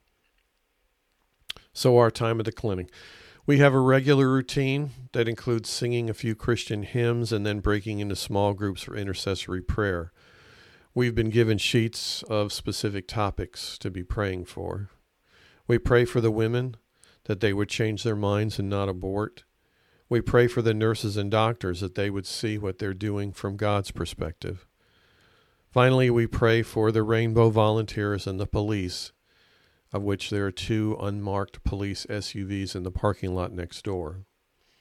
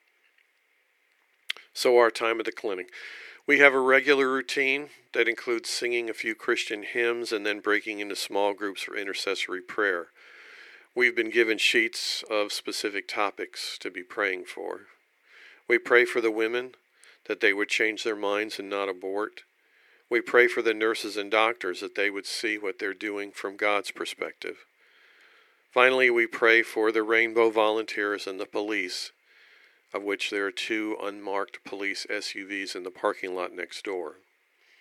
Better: first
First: none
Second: thin; very; fading below 350 Hz

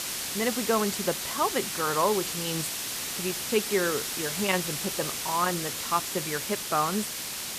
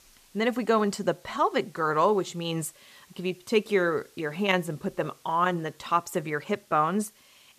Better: second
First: hiss; loud; throughout; 1 dB below the speech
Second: hiss; faint; throughout; 30 dB below the speech

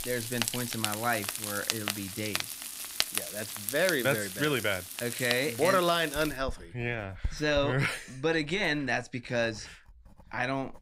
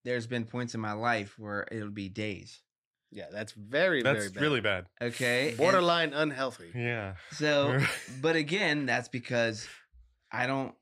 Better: second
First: household noises; loud; throughout; 4 dB below the speech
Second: none

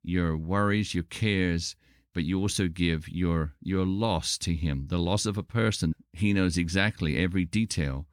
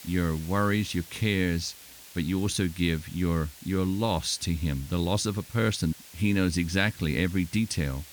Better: first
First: none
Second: hiss; noticeable; throughout; 20 dB below the speech

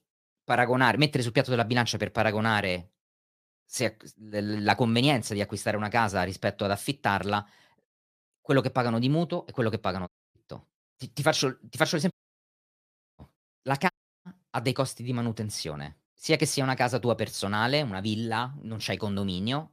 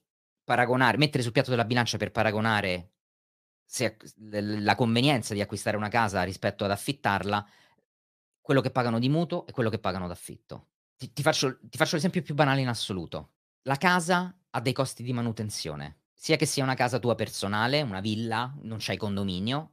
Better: second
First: audio cutting out; at 10 s, at 12 s for 1 s and at 14 s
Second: none

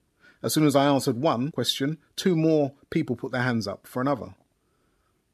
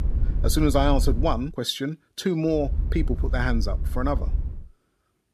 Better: first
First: none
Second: low rumble; noticeable; until 1.5 s and from 2.5 to 4.5 s; 20 dB below the speech

